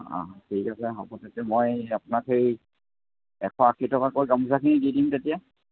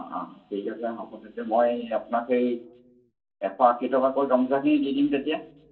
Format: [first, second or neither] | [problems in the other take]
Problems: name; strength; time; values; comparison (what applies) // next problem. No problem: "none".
first | room echo; dies away in 0.2 s